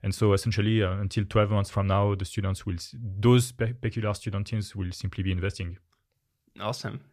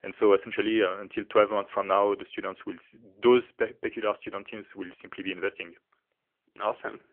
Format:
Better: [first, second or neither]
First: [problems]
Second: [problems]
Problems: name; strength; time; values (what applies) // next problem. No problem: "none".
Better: first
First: none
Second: phone-call audio; nothing above 3 kHz